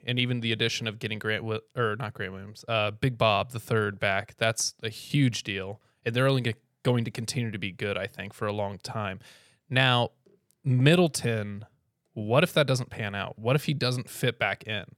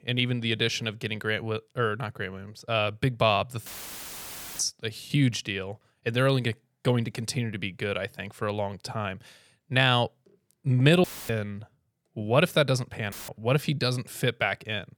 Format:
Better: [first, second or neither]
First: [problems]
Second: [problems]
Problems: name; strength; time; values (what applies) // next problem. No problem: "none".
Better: first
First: none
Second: audio cutting out; filled with static; at 3.5 s for 1 s, at 11 s and at 13 s